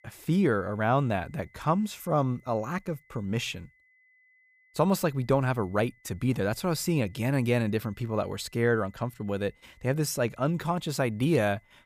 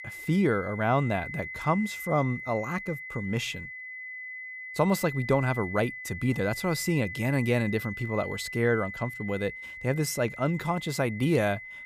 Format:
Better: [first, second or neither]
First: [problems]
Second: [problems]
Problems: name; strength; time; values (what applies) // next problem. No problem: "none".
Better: first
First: high-pitched whine; faint; throughout; 2 kHz, 35 dB below the speech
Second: high-pitched whine; loud; throughout; 2 kHz, 9 dB below the speech